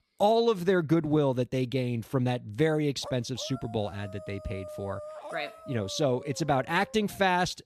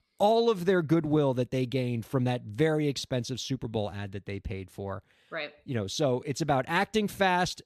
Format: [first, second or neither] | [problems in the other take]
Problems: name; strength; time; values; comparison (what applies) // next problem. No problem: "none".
second | dog barking; faint; from 3 s on; peak 10 dB below the speech